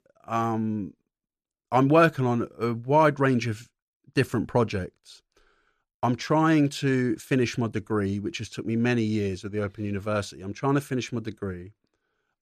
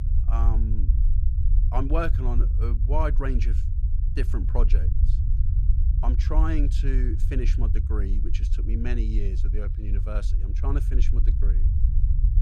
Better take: first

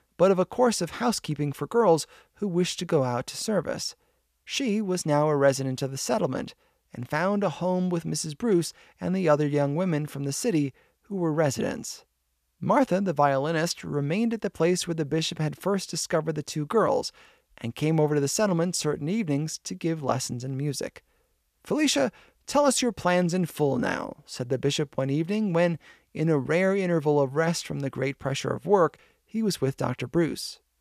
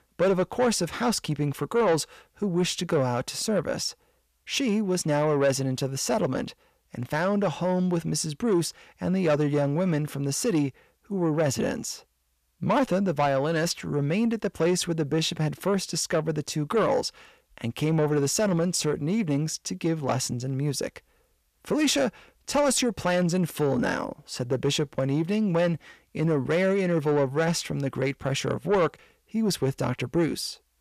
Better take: first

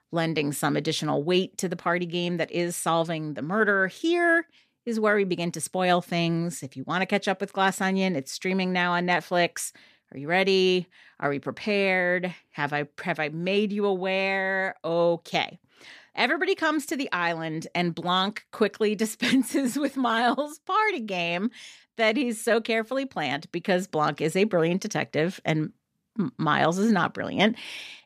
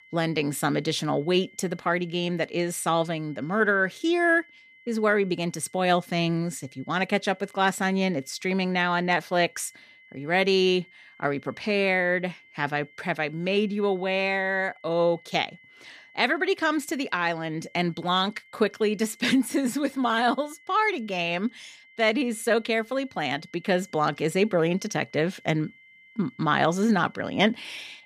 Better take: first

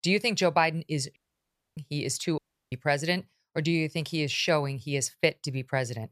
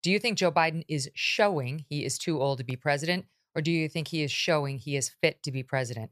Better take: second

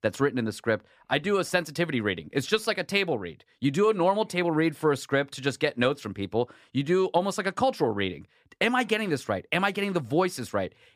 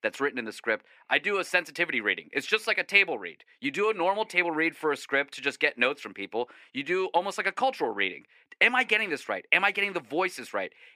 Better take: first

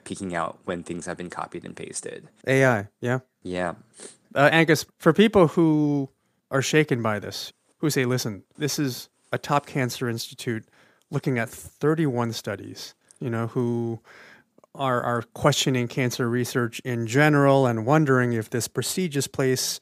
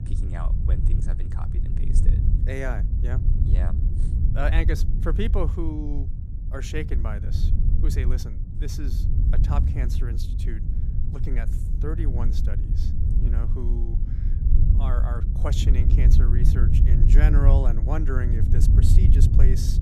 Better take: first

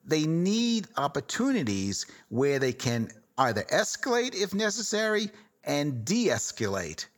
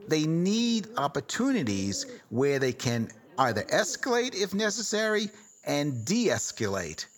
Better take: first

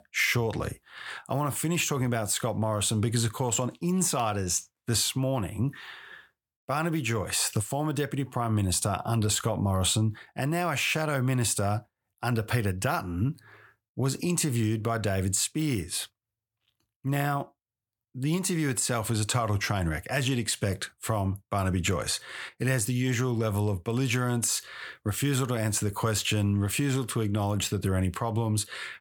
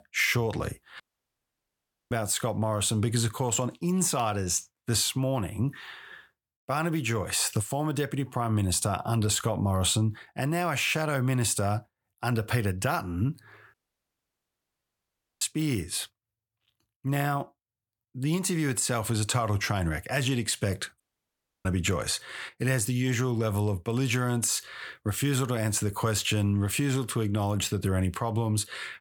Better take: first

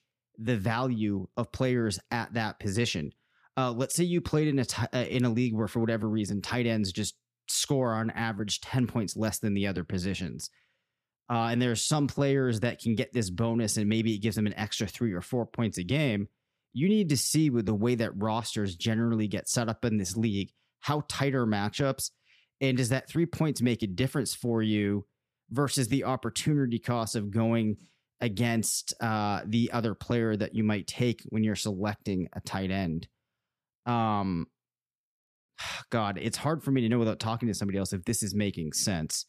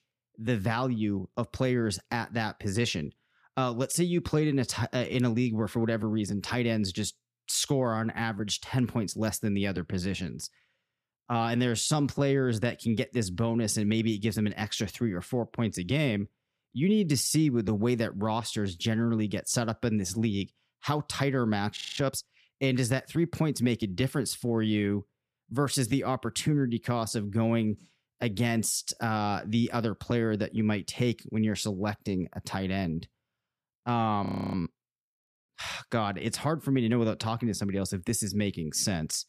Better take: first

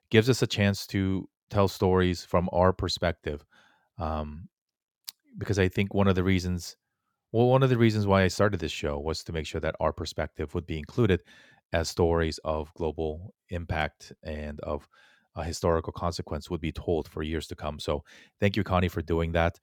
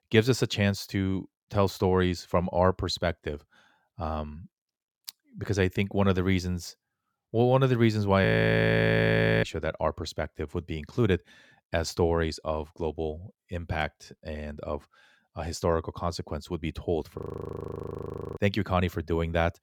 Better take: first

